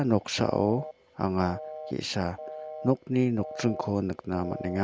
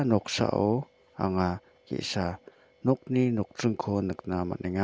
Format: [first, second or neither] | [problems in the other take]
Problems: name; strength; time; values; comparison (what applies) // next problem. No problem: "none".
second | background sound (Telephone); 13 dB below the speech